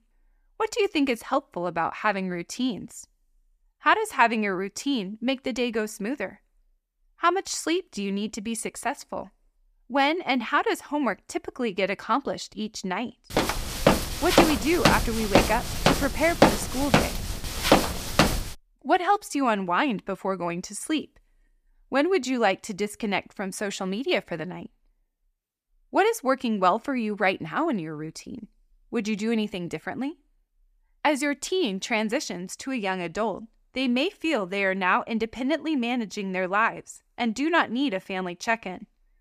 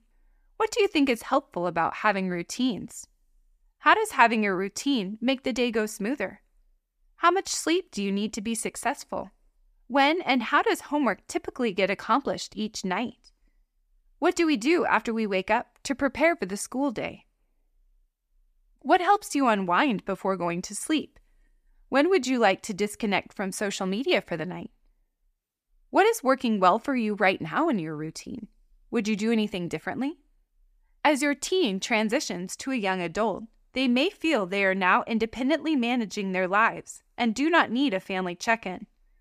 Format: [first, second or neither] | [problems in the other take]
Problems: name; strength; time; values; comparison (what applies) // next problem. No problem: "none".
second | footsteps; loud; from 13 to 18 s; peak 6 dB above the speech